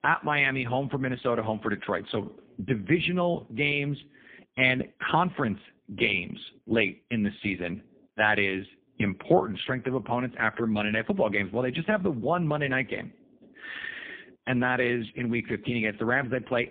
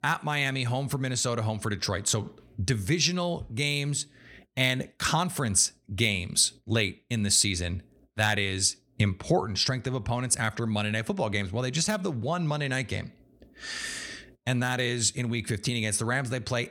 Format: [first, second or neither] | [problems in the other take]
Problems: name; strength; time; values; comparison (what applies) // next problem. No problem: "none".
second | phone-call audio; poor line